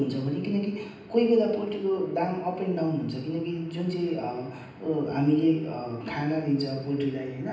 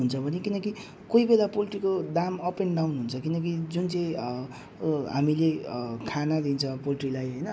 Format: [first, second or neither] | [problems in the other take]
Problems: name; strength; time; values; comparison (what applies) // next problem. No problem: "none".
second | room echo; dies away in 0.9 s